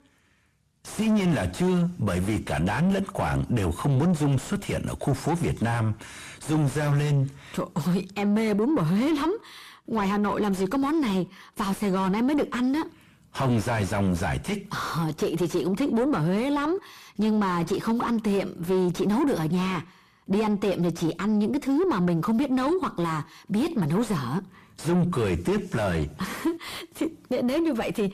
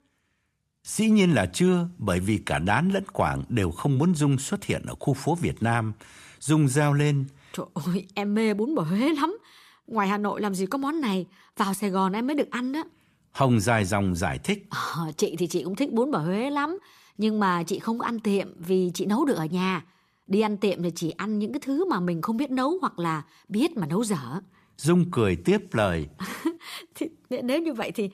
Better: second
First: distortion; heavy; 6 dB below the speech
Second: none

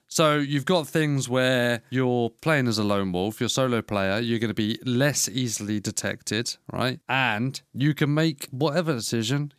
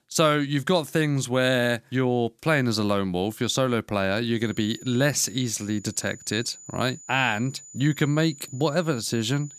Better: first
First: none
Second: high-pitched whine; noticeable; from 4.5 s on; 7 kHz, 20 dB below the speech

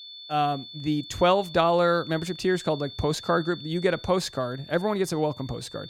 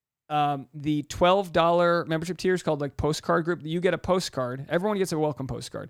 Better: second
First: high-pitched whine; noticeable; throughout; 3.5 kHz, 15 dB below the speech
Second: none

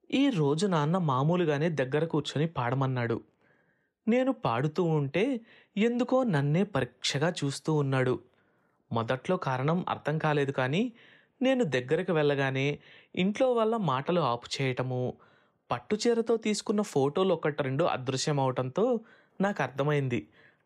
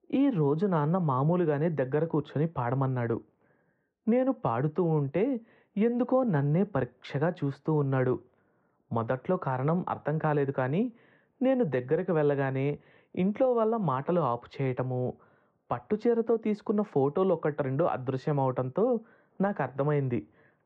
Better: first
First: none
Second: muffled; very; fading above 4 kHz

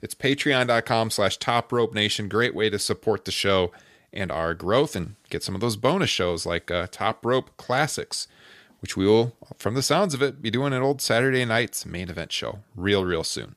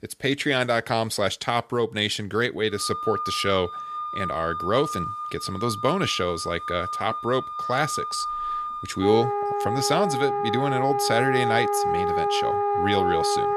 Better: first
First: none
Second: background music; loud; from 3 s on; 2 dB below the speech

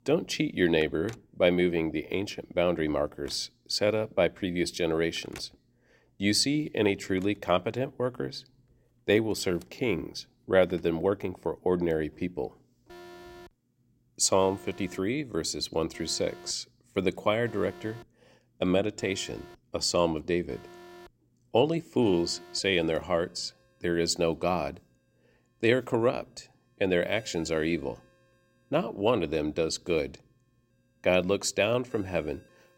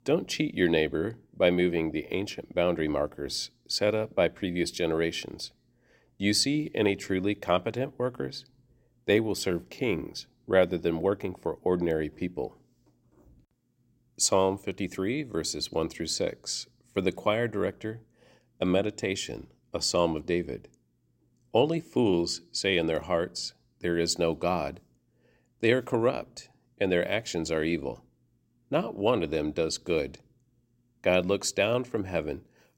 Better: second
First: alarms or sirens; faint; throughout; 25 dB below the speech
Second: none

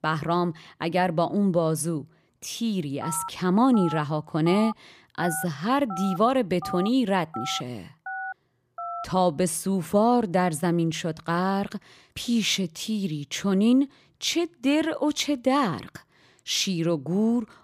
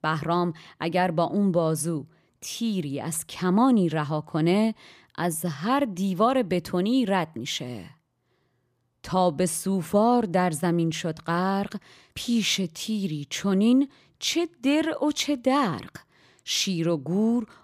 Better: second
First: phone ringing; noticeable; from 3 to 9 s; peak 9 dB below the speech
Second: none

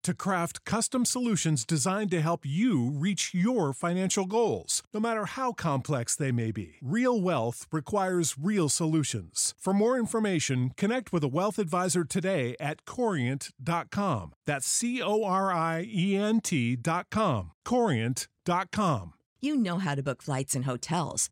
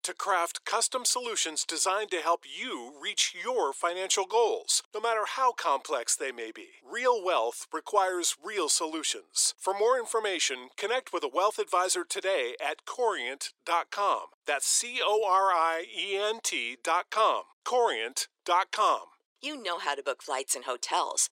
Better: first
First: none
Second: thin; very; fading below 400 Hz

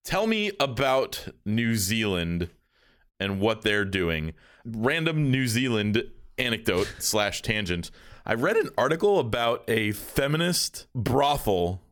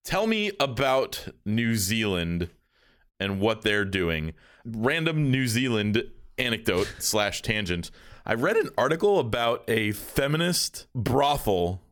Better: neither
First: none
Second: none

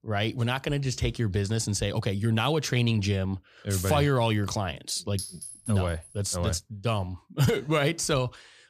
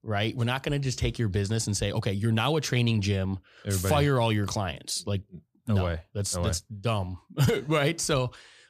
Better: second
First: clattering dishes; noticeable; at 5 s; peak 9 dB below the speech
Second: none

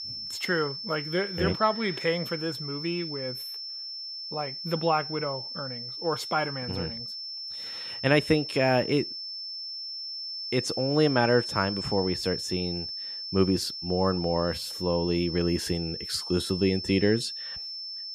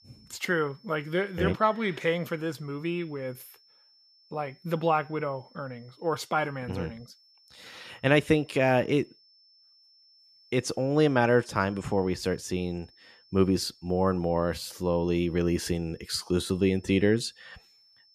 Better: second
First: high-pitched whine; loud; throughout; 5.5 kHz, 6 dB below the speech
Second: high-pitched whine; faint; throughout; 5.5 kHz, 30 dB below the speech

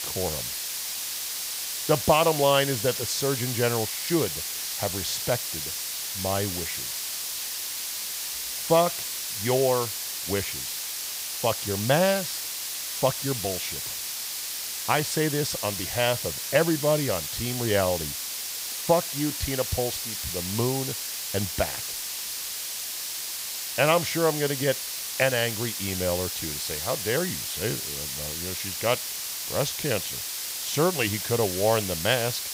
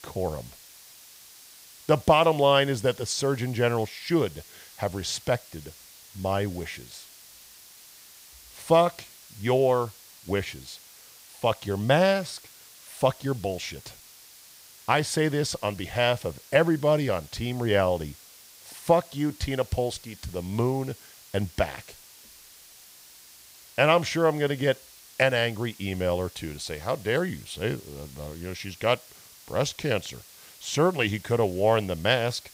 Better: second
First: hiss; loud; throughout; 3 dB below the speech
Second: hiss; faint; throughout; 20 dB below the speech

